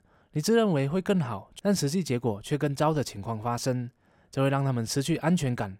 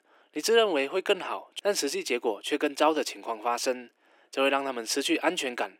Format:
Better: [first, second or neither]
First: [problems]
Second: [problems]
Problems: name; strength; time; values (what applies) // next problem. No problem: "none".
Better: first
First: none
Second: thin; somewhat; fading below 300 Hz